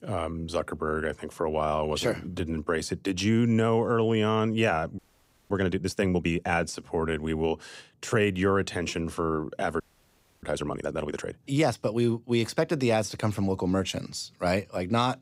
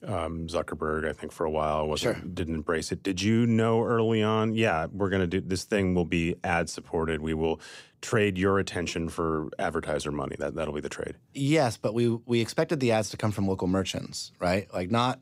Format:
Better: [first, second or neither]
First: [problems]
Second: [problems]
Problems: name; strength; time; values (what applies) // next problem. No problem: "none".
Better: second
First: audio freezing; at 5 s for 0.5 s and at 10 s for 0.5 s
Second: none